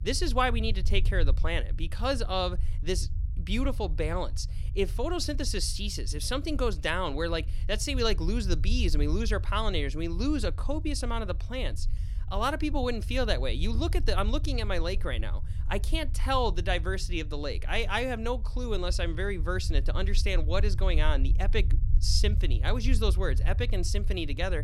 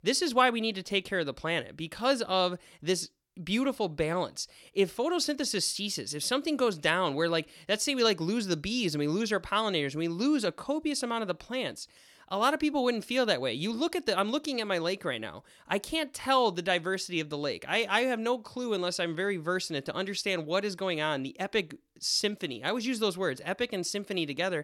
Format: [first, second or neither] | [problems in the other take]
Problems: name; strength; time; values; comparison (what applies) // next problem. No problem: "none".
second | low rumble; noticeable; throughout; 20 dB below the speech